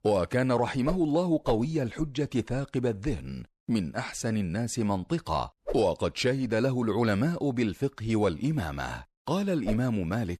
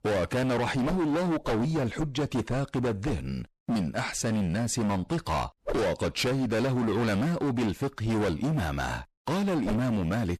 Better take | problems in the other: first | distortion; heavy; 29% of the sound clipped

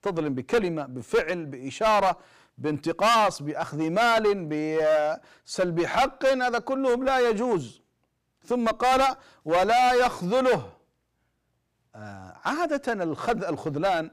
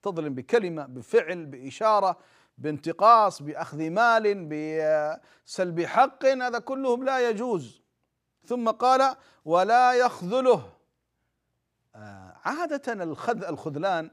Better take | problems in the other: second | distortion; heavy; 10% of the sound clipped

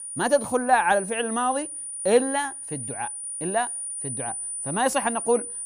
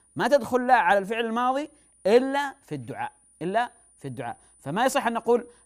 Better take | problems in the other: second | high-pitched whine; loud; throughout; 9.5 kHz, 6 dB below the speech; faint in the second

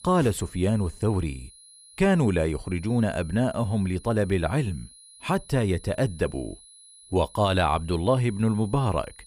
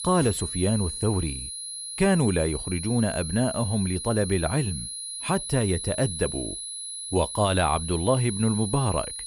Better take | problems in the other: first | high-pitched whine; loud; throughout; 10.5 kHz, 6 dB below the speech; faint in the first

